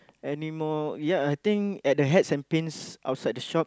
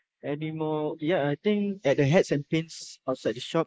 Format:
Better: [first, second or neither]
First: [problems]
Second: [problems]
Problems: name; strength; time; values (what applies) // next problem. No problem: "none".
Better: first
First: none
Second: noise reduction (neural mask model Resemble Enhance denoiser)